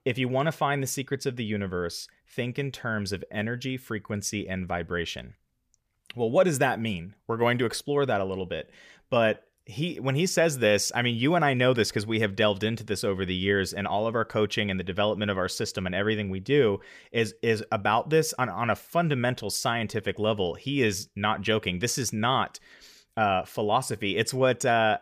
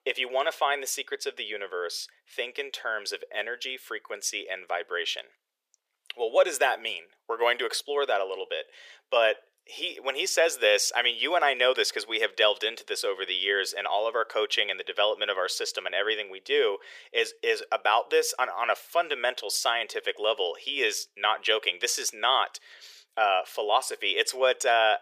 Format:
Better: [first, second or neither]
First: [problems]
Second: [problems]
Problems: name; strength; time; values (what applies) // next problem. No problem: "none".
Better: first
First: none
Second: thin; very; fading below 450 Hz